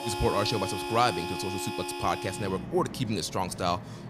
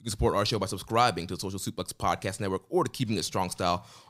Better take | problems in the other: second | background music; loud; throughout; 6 dB below the speech

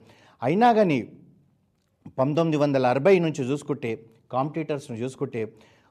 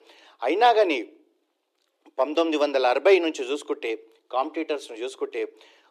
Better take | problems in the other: first | thin; somewhat; fading below 300 Hz

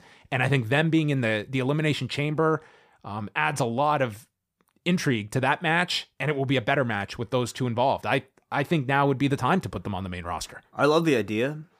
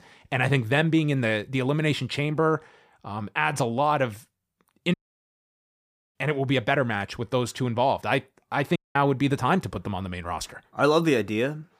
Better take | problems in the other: first | audio cutting out; at 5 s for 1 s and at 9 s

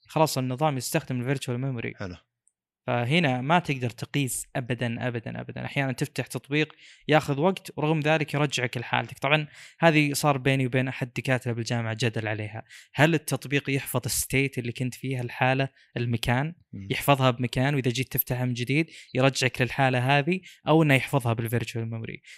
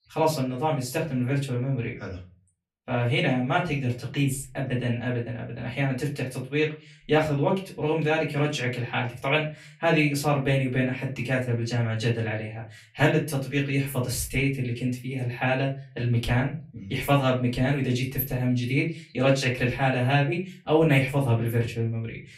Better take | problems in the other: first | off-mic speech; far // room echo; very slight; dies away in 0.3 s

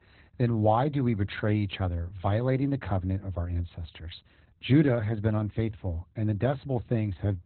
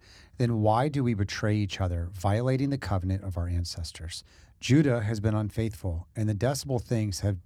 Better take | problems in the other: second | garbled, watery; badly; nothing above 4 kHz

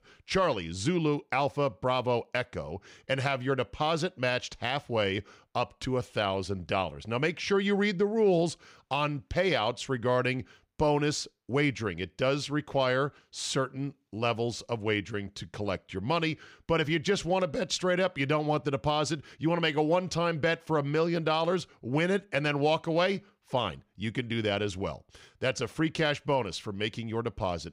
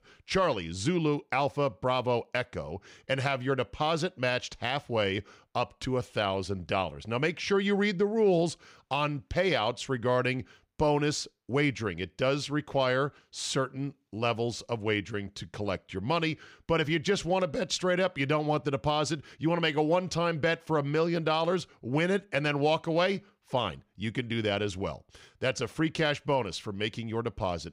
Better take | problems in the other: neither | none

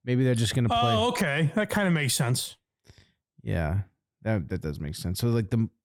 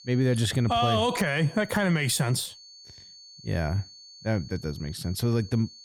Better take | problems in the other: first | high-pitched whine; noticeable; throughout; 4.5 kHz, 20 dB below the speech

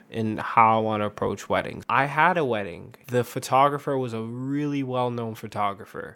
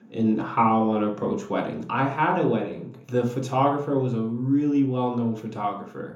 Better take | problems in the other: first | room echo; slight; dies away in 0.5 s // off-mic speech; far

